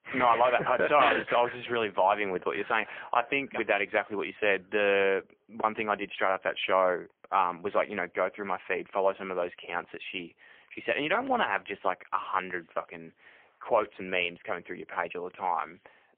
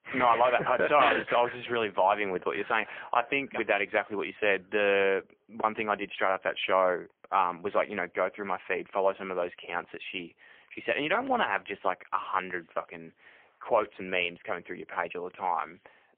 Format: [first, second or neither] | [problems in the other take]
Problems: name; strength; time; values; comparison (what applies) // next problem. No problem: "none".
neither | phone-call audio; poor line; nothing above 3 kHz; the same in both